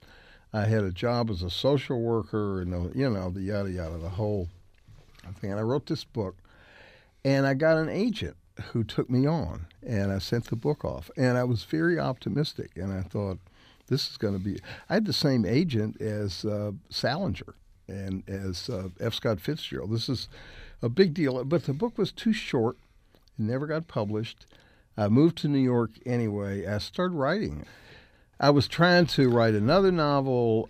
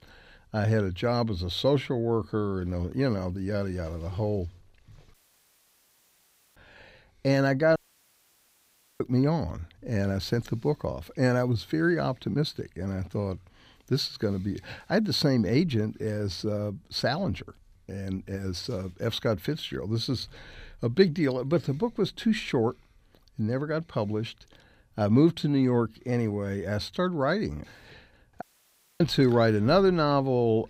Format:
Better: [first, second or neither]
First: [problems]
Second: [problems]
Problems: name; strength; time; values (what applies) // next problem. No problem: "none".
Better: first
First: none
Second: audio cutting out; at 5 s for 1.5 s, at 8 s for 1 s and at 28 s for 0.5 s